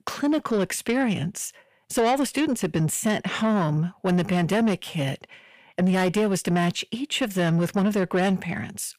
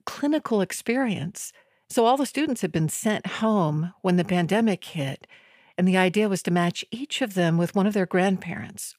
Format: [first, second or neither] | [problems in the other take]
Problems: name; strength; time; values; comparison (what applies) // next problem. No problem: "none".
second | distortion; slight; 10 dB below the speech